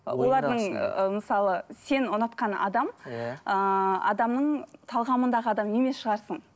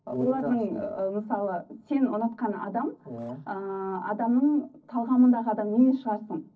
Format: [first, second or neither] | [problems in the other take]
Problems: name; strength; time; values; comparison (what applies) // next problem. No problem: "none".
first | noise reduction (neural separator model SepFormer DNS4)